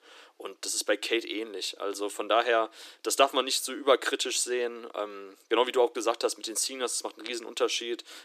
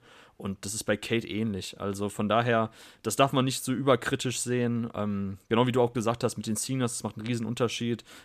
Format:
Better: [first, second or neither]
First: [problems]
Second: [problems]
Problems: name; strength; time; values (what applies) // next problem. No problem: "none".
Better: second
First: thin; very; fading below 300 Hz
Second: none